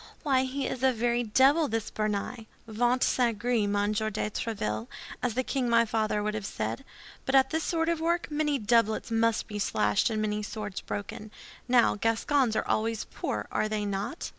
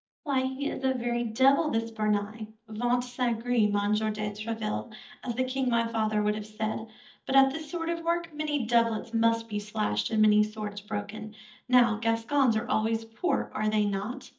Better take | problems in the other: first | noise reduction (neural mask model DeepFilterNet 3)

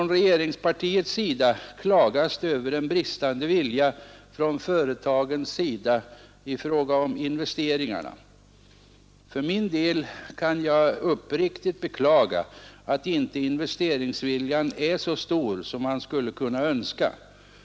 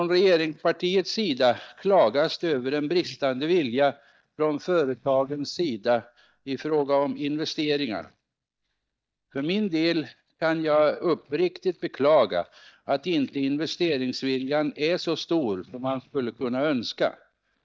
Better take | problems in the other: first | noise reduction (neural mask model DeepFilterNet 3)

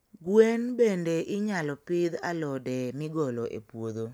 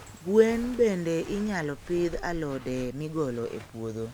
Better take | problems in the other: first | background sound (Walk, footsteps); 16 dB below the speech

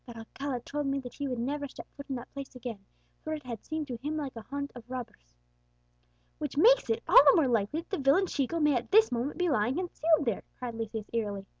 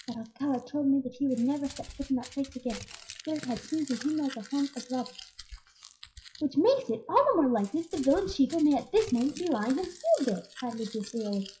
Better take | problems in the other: first | noise reduction (classical method WPE with log-MMSE)

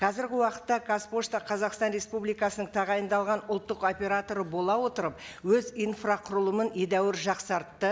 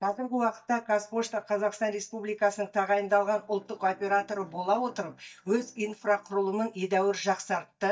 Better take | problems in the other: first | noise reduction (neural mask model DeepFilterNet 3)

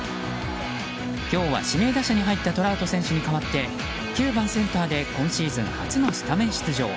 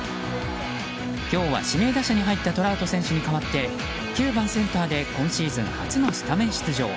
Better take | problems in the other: first | background sound (Plucked string instrument); 19 dB below the speech

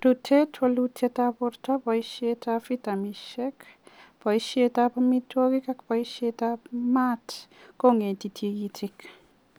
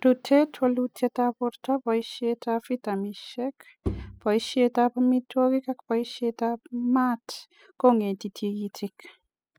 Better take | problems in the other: first | noise reduction (classical method spectral subtraction)

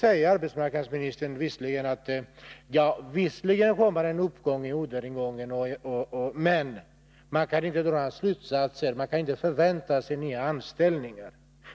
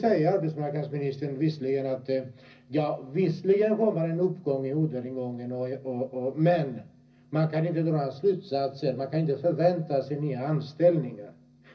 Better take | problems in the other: first | room echo; dies away in 0.4 s

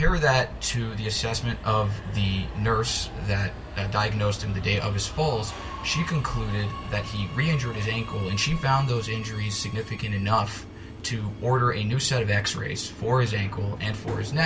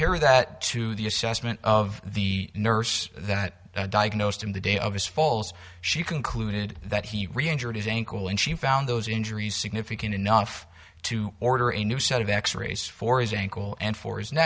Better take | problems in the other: second | background sound (Subway, metro, underground); 12 dB below the speech // room echo; dies away in 0.2 s

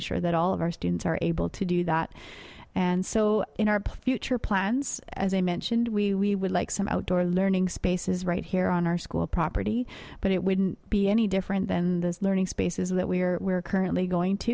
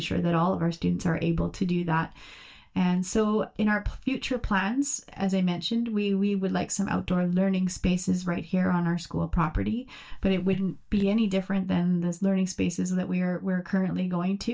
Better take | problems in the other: first | noise reduction (neural mask model DeepFilterNet 3)

